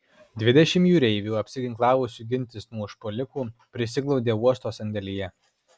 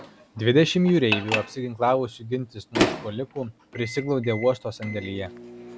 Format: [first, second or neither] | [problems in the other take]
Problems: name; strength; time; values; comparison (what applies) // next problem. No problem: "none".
first | background sound (Microwave oven); 7 dB below the speech